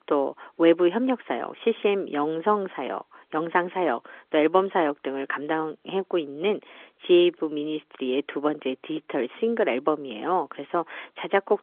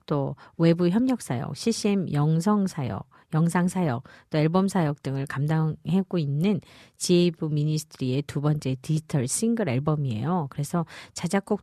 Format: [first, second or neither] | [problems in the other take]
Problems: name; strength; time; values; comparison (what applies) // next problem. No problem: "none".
second | phone-call audio; nothing above 3.5 kHz